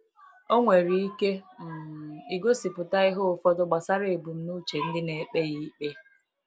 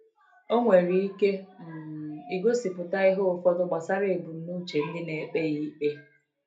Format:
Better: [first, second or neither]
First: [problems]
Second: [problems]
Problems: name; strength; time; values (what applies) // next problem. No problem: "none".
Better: first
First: none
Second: room echo; dies away in 0.3 s